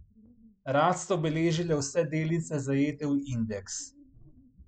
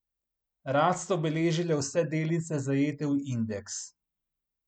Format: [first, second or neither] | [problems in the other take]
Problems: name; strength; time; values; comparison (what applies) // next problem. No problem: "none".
second | noise reduction (classical method log-MMSE)